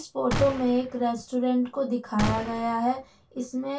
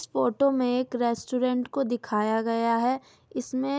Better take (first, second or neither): second